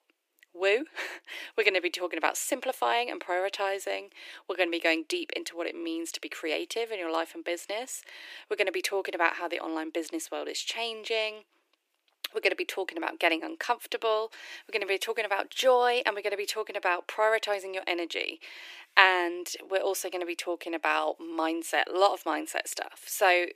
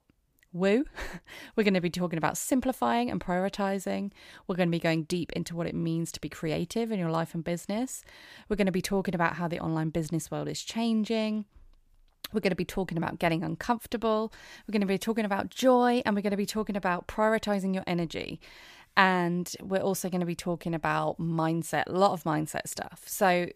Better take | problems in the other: second | thin; very; fading below 350 Hz

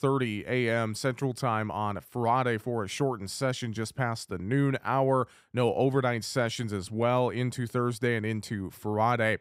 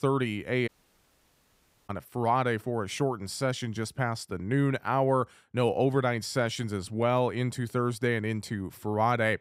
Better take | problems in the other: first | audio cutting out; at 0.5 s for 1 s

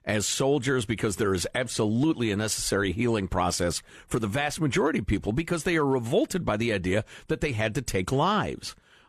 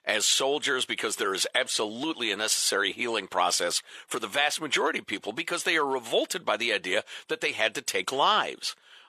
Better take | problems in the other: first | thin; very; fading below 550 Hz

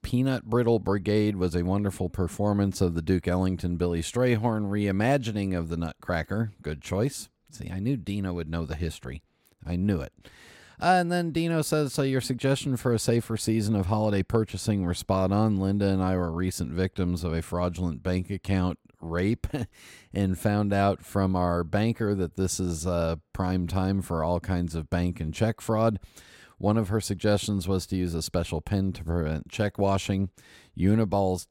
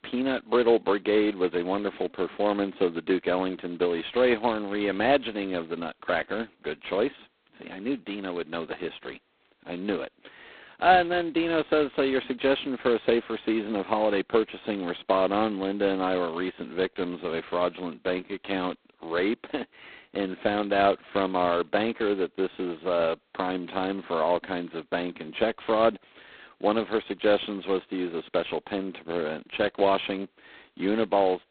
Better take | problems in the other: first | phone-call audio; poor line; nothing above 4 kHz

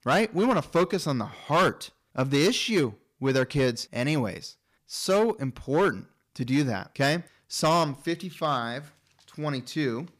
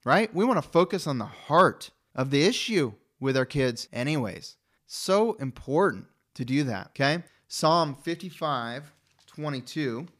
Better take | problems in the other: second | distortion; slight; 5% of the sound clipped

